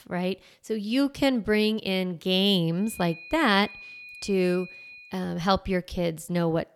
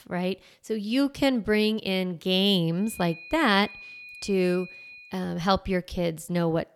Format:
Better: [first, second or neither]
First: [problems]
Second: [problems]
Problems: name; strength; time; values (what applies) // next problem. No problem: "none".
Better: neither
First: high-pitched whine; noticeable; from 3 to 5 s; 2.5 kHz, 15 dB below the speech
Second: high-pitched whine; noticeable; from 3 to 5 s; 2.5 kHz, 15 dB below the speech